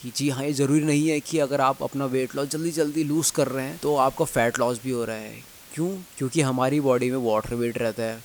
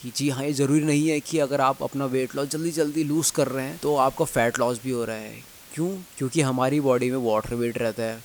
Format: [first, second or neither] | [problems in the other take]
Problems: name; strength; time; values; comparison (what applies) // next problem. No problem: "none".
neither | hiss; faint; throughout; 20 dB below the speech; the same in both